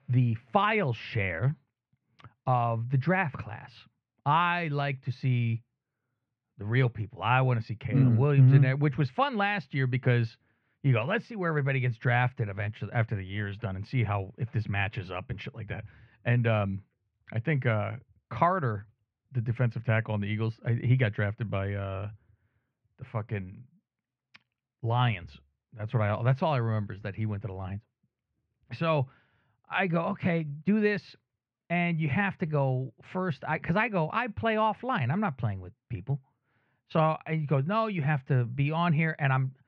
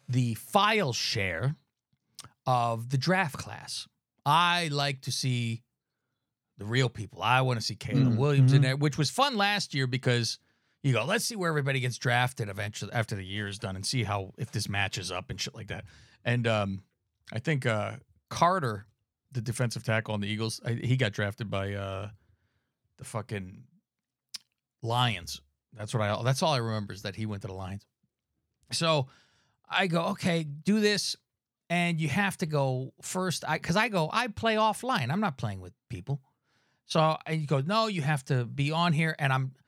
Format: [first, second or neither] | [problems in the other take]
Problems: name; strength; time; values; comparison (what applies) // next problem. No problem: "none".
second | muffled; very; fading above 2.5 kHz